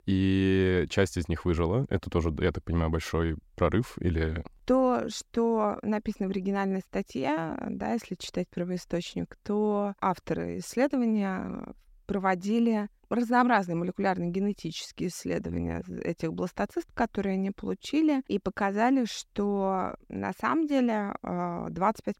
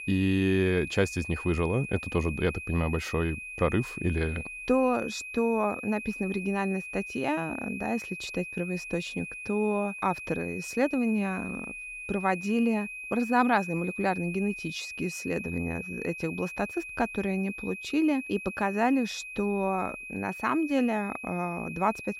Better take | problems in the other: first | high-pitched whine; loud; throughout; 2.5 kHz, 8 dB below the speech

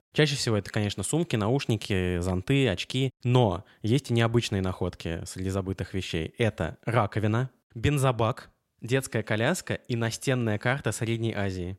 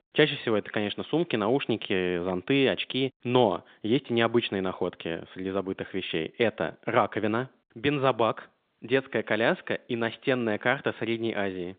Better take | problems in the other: first | phone-call audio; nothing above 3.5 kHz

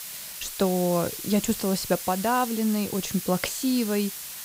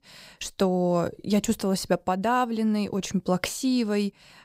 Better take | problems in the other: second | hiss; loud; throughout; 7 dB below the speech

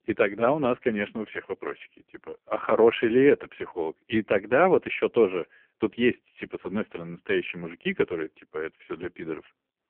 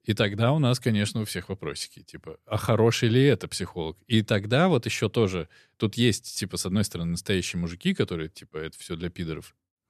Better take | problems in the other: second | phone-call audio; poor line

